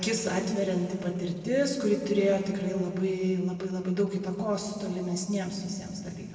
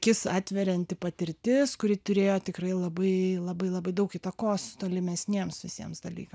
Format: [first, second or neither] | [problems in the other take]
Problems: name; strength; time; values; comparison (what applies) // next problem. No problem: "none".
second | background sound (Wind instrument, woodwind instrument); 19 dB below the speech // room echo; dies away in 2.3 s